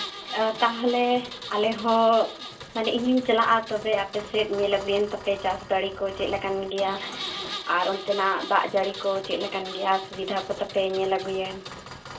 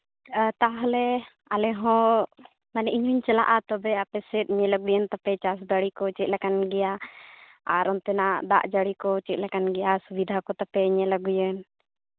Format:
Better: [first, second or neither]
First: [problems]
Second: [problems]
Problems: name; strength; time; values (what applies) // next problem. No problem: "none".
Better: second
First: background sound (Engine); 13 dB below the speech // room echo; dies away in 0.2 s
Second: none